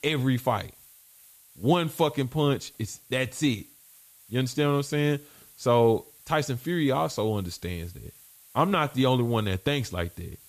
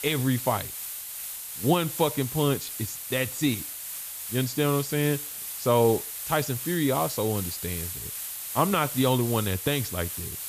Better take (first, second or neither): first